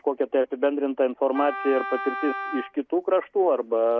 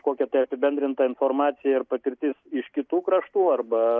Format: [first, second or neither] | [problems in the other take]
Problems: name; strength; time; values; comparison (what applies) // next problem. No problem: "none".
second | background sound (Wind instrument, woodwind instrument); 10 dB below the speech